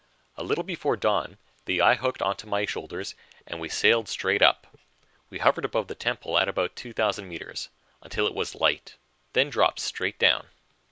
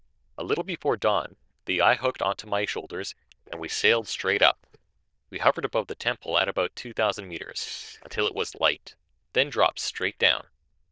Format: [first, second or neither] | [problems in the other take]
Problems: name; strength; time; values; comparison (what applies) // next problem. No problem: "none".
first | noise reduction (neural diffusion model UNIVERSE++)